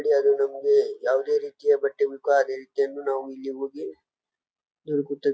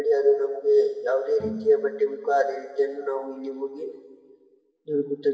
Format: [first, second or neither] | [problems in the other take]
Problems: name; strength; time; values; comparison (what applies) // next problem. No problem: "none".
first | background sound (Bowed string instrument); 16 dB below the speech // room echo; dies away in 1.7 s